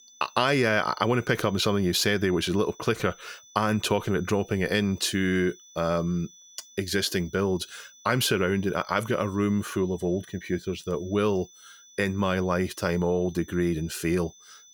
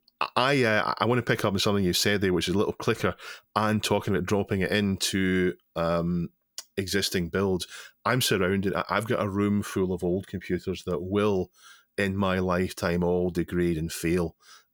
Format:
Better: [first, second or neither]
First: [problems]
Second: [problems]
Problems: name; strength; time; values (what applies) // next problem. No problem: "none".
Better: second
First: high-pitched whine; faint; throughout; 6 kHz, 25 dB below the speech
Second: none